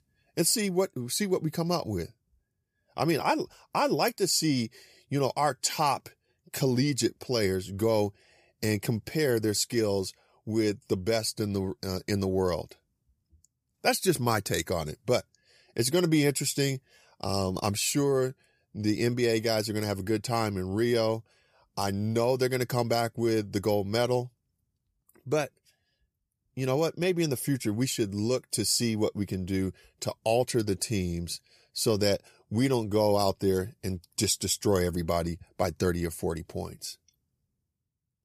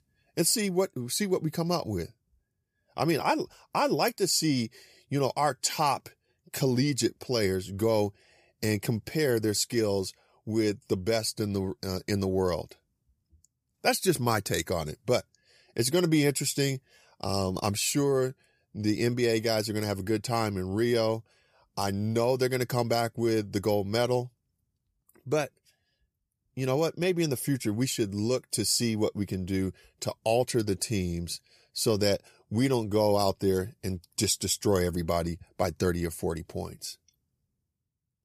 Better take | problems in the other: neither | none

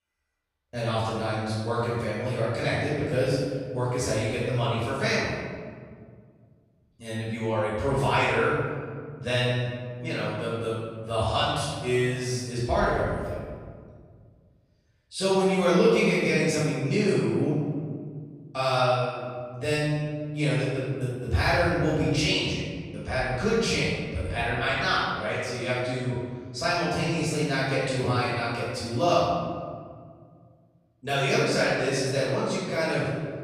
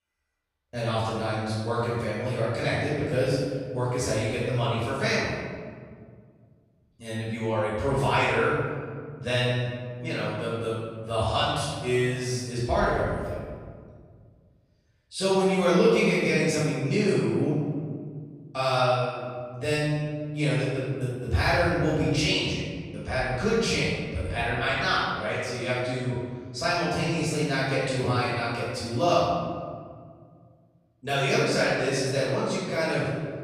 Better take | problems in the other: neither | off-mic speech; far; the same in both // room echo; strong; dies away in 1.7 s; the same in both

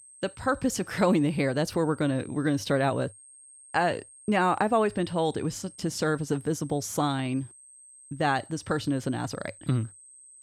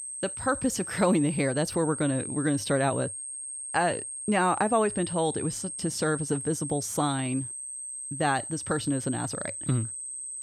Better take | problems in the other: first | high-pitched whine; loud; throughout; 8.5 kHz, 6 dB below the speech; faint in the first

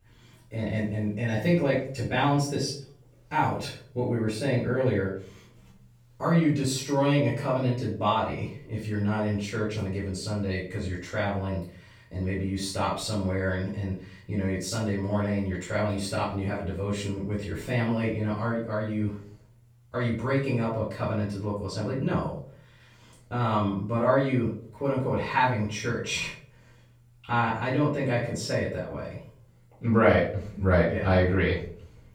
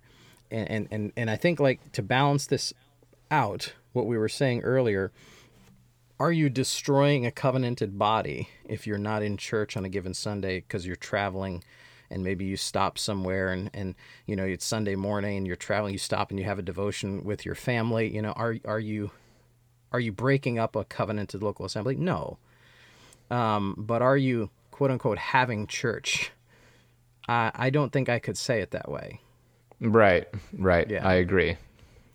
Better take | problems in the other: second | off-mic speech; far // room echo; noticeable; dies away in 0.4 s

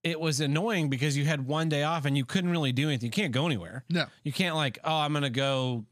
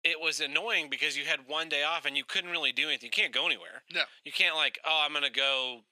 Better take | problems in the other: first | thin; very; fading below 400 Hz

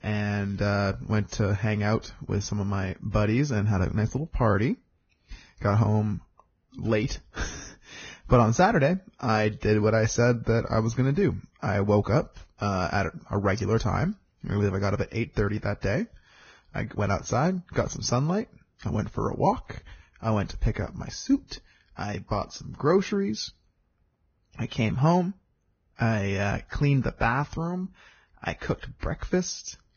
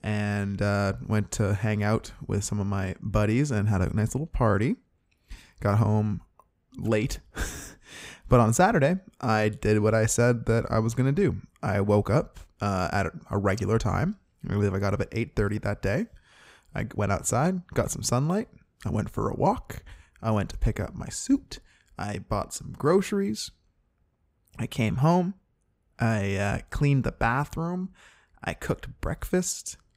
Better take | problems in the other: second | garbled, watery; badly; nothing above 6.5 kHz

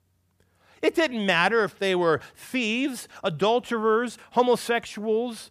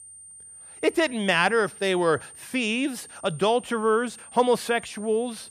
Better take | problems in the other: first | high-pitched whine; noticeable; throughout; 9 kHz, 20 dB below the speech

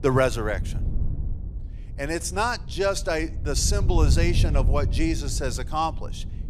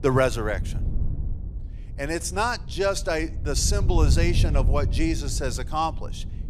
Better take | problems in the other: neither | wind noise on the microphone; occasional gusts; 15 dB below the speech; the same in both

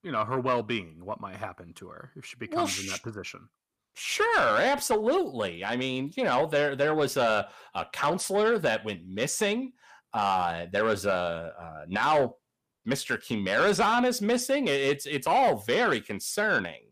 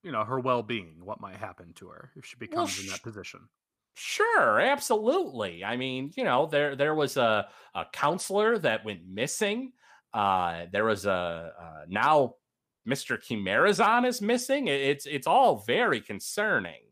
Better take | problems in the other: second | distortion; slight; 10 dB below the speech

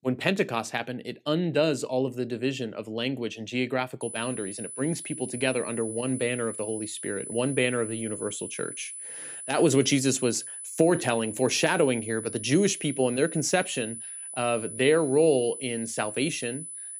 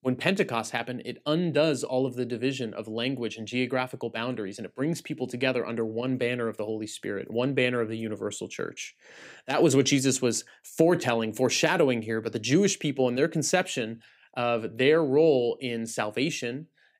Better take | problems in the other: second | high-pitched whine; loud; from 4 s on; 10 kHz, 9 dB below the speech

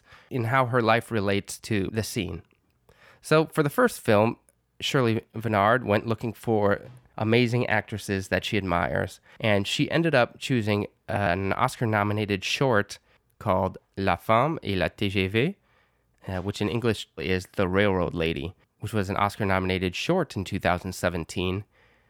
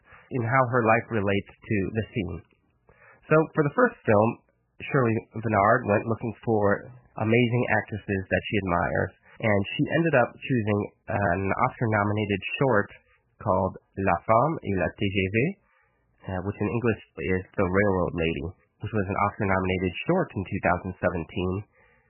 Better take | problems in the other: first | garbled, watery; badly; nothing above 3 kHz

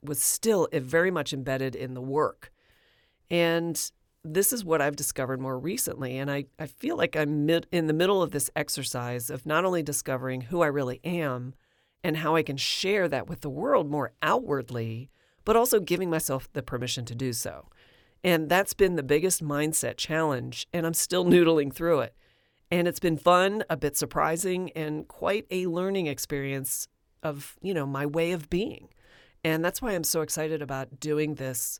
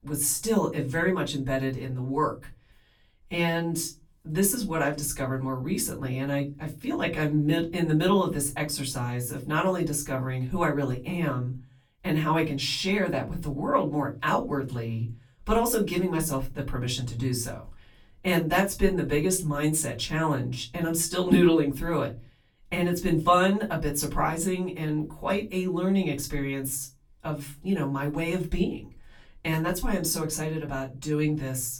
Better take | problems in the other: first | off-mic speech; far // room echo; very slight; dies away in 0.3 s

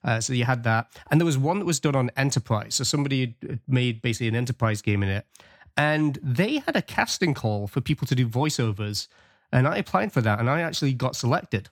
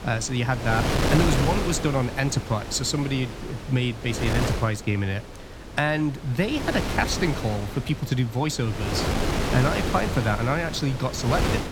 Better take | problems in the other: first | wind noise on the microphone; heavy; 3 dB below the speech

